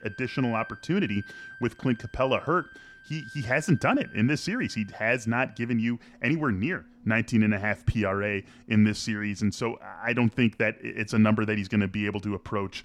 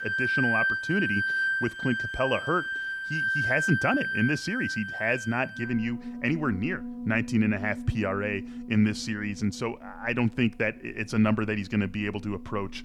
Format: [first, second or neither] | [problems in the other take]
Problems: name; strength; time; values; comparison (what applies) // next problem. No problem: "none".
first | background music; loud; throughout; 1 dB below the speech; faint in the first